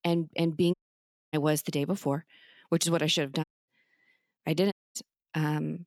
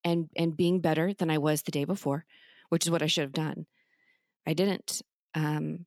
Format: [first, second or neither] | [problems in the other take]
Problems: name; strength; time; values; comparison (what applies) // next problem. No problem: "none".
second | audio cutting out; at 0.5 s for 0.5 s, at 3.5 s and at 4.5 s